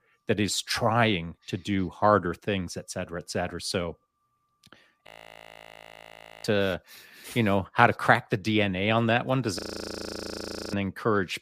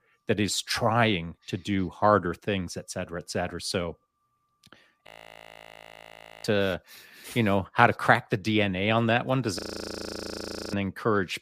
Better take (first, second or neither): neither